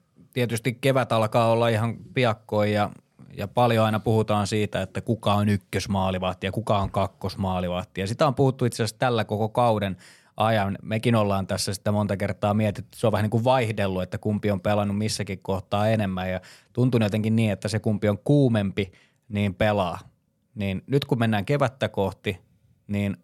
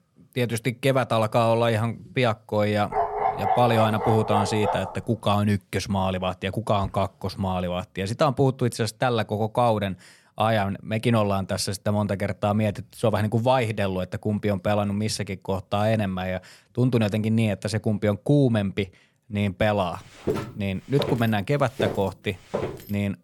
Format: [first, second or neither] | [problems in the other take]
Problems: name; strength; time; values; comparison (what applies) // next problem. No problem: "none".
first | dog barking; loud; from 3 to 5 s; peak level with the speech // footsteps; noticeable; from 20 s on; peak 5 dB below the speech